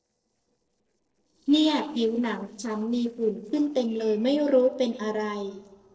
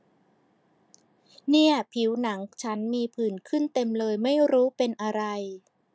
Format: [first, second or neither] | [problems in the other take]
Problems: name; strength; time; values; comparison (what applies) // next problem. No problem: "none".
second | noise reduction (neural separator model SepFormer DNS4)